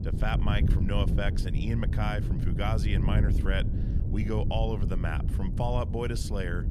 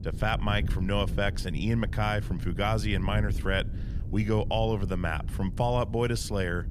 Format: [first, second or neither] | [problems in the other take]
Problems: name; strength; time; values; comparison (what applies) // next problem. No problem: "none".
second | wind noise on the microphone; heavy; 7 dB below the speech; occasional gusts in the second